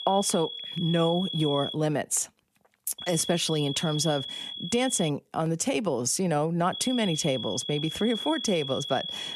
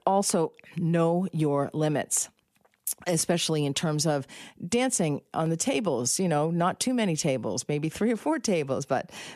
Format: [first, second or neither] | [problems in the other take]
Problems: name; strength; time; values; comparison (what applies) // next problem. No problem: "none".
second | high-pitched whine; loud; until 1.5 s, from 3 to 5 s and from 6.5 s on; 3.5 kHz, 6 dB below the speech